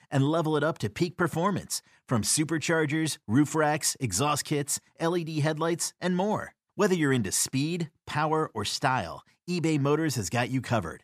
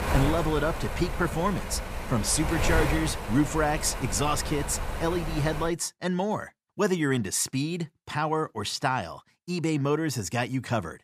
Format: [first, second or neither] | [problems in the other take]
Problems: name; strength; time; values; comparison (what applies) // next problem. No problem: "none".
first | wind noise on the microphone; heavy; until 5.5 s; 5 dB below the speech